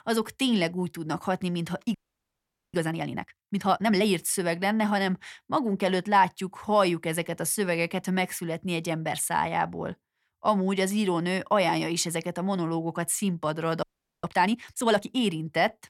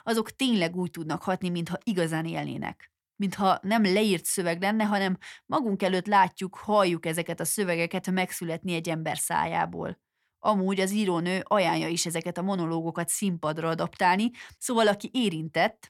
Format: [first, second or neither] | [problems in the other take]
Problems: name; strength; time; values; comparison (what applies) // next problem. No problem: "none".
second | audio freezing; at 2 s for 1 s and at 14 s